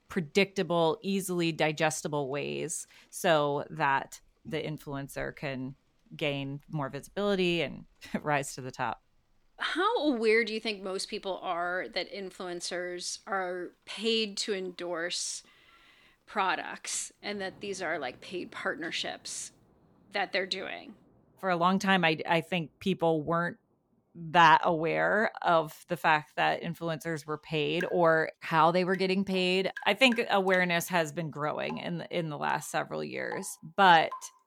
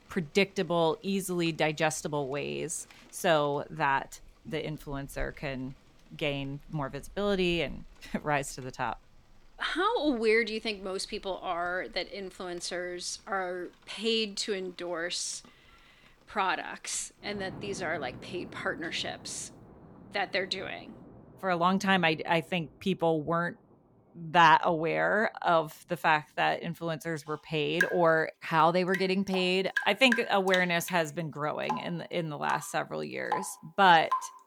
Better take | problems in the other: first | rain or running water; loud; throughout; 10 dB below the speech; faint in the first

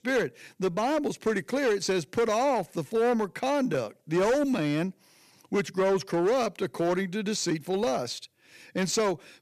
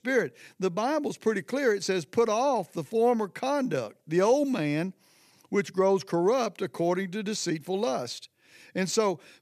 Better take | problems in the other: second | distortion; slight; 9% of the sound clipped

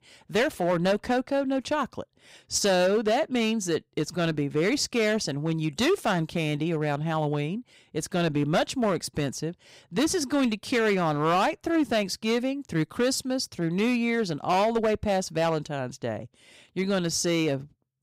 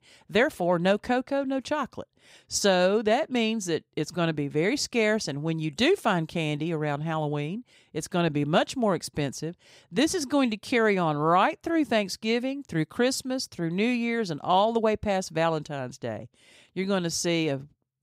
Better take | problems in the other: second | distortion; slight; 7% of the sound clipped

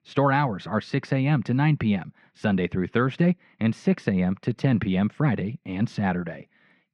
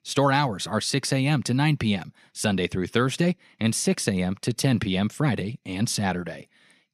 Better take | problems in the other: second | muffled; very; fading above 2 kHz

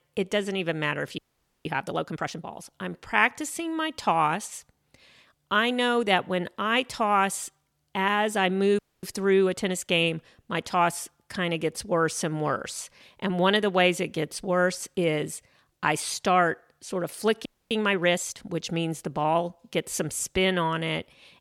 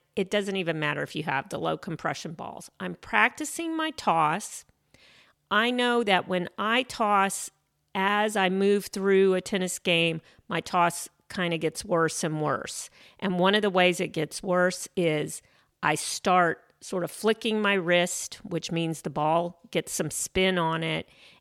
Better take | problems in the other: second | audio freezing; at 1 s, at 9 s and at 17 s

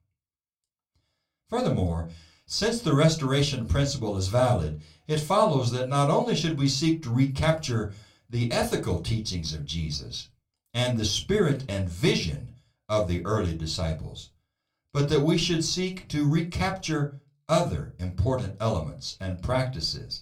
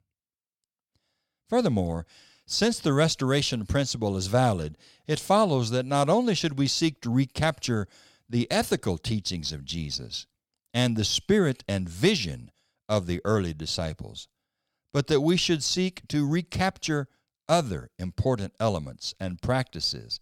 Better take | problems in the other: second | off-mic speech; somewhat distant // room echo; very slight; dies away in 0.2 s

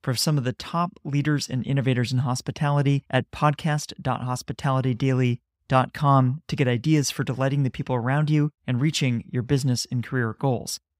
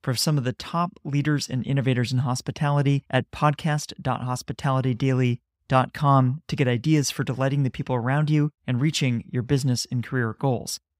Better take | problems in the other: neither | none

